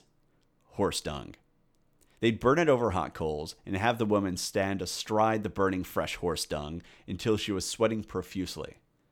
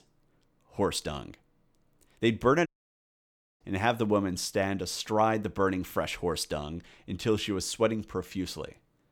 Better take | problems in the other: first | audio cutting out; at 2.5 s for 1 s

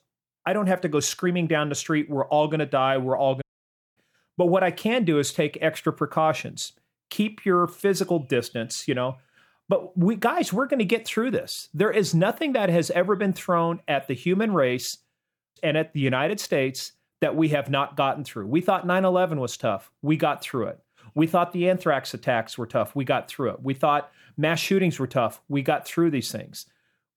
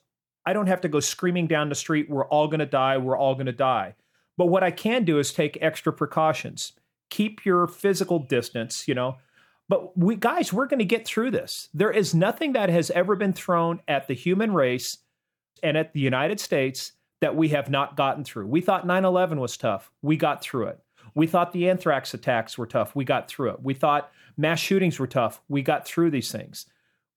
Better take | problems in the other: second | audio cutting out; at 3.5 s for 0.5 s

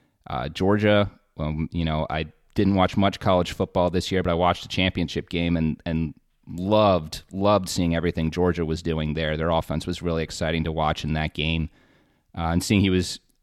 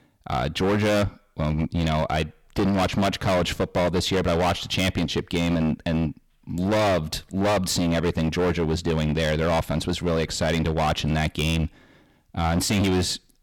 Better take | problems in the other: first | distortion; heavy; 20% of the sound clipped

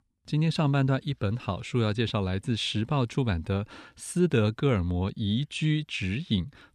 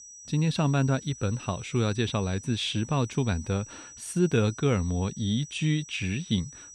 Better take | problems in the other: first | high-pitched whine; noticeable; throughout; 6 kHz, 15 dB below the speech

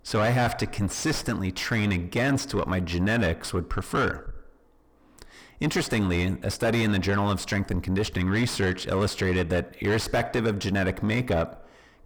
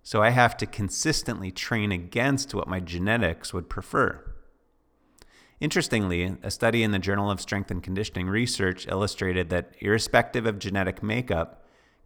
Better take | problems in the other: second | distortion; heavy; 6 dB below the speech

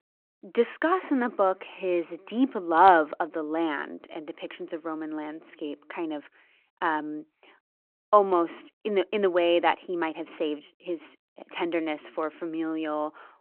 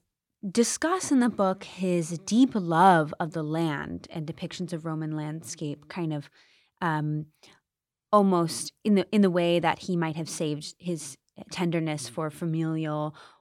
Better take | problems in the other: second | phone-call audio

